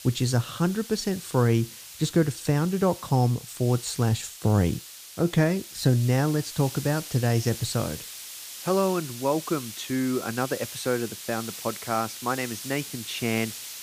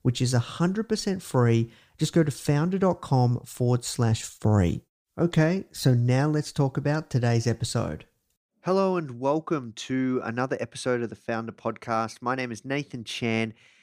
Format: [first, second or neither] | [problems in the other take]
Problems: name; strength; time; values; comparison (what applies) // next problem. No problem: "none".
second | hiss; noticeable; throughout; 10 dB below the speech